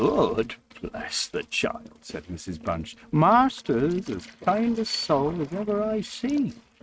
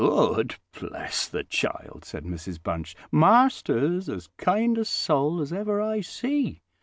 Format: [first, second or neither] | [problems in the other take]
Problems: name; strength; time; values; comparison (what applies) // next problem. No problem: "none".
second | noise reduction (neural mask model RNNoise)